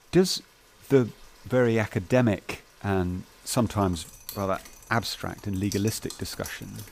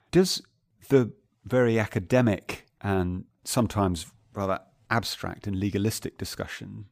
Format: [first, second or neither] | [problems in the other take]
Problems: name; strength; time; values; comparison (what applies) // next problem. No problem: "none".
second | rain or running water; noticeable; throughout; 20 dB below the speech